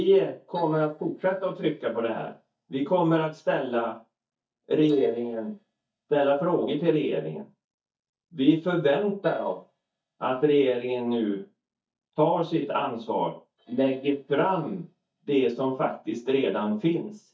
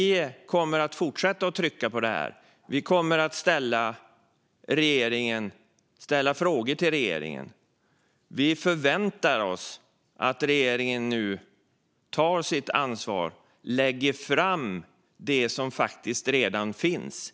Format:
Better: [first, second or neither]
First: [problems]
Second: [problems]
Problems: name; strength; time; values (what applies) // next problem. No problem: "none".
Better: second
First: noise reduction (neural mask model DeepFilterNet 3)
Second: none